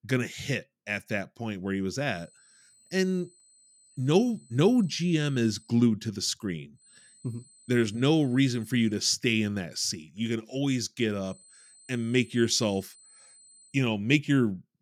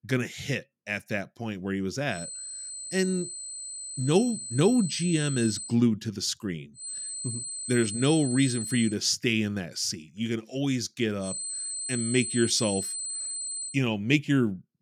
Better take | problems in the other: first | high-pitched whine; loud; from 2 to 5.5 s, from 7 to 9 s and from 11 to 14 s; 8 kHz, 6 dB below the speech; faint in the first

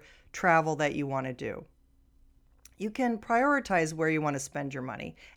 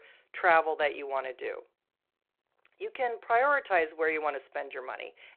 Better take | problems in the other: first | phone-call audio; nothing above 4 kHz

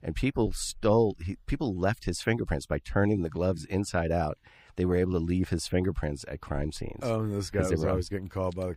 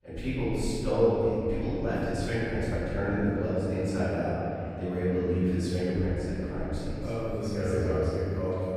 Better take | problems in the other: first | off-mic speech; far // room echo; strong; dies away in 3 s

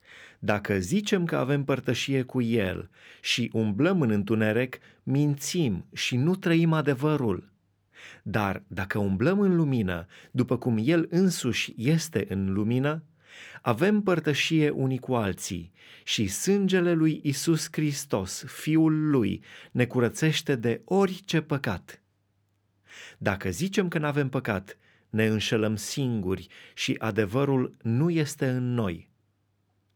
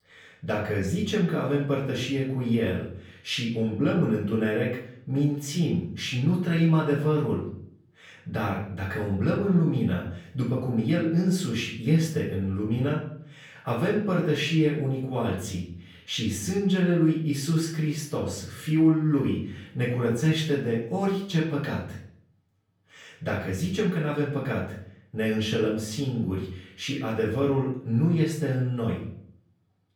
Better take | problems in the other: first | off-mic speech; far // room echo; noticeable; dies away in 0.6 s

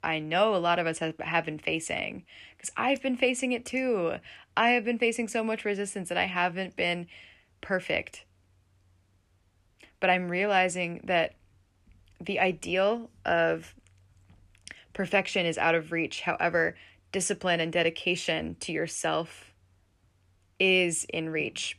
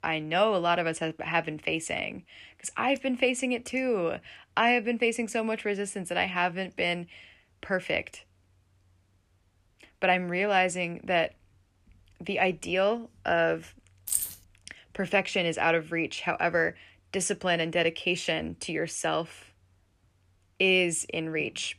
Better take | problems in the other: first | jangling keys; noticeable; at 14 s; peak 1 dB below the speech

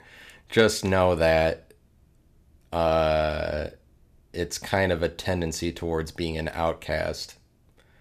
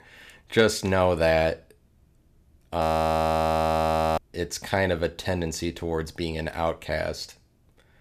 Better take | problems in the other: first | audio freezing; at 3 s for 1.5 s

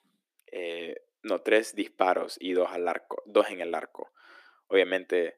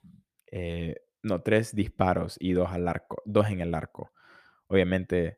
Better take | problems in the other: second | thin; somewhat; fading below 300 Hz

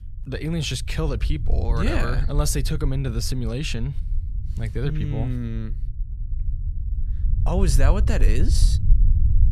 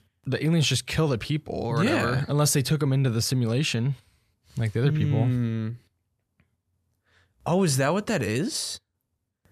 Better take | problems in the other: second | low rumble; noticeable; throughout; 15 dB below the speech

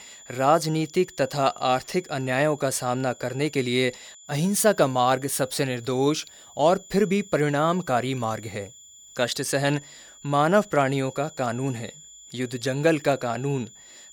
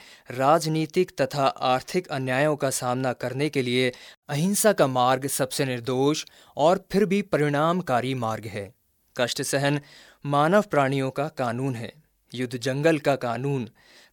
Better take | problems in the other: second | high-pitched whine; faint; throughout; 7 kHz, 20 dB below the speech

